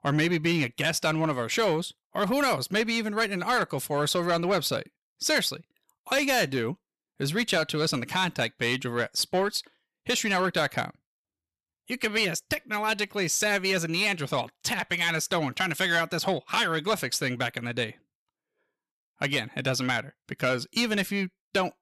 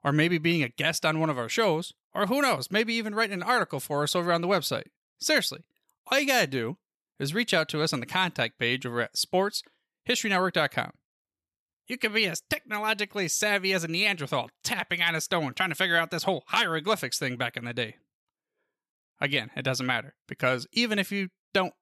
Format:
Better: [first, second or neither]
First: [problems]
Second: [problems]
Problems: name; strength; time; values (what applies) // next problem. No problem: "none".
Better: second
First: distortion; slight; 10 dB below the speech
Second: none